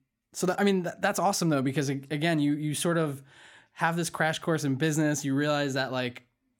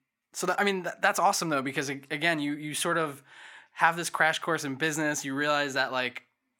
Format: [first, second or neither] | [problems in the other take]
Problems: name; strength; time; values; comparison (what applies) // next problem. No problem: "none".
first | thin; somewhat; fading below 450 Hz